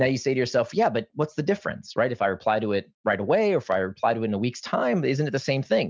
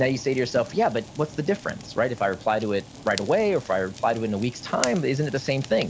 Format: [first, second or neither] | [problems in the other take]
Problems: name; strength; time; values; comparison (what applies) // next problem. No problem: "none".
first | background sound (Fire); 15 dB below the speech